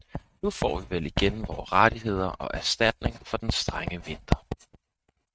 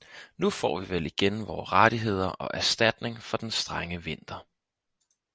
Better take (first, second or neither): second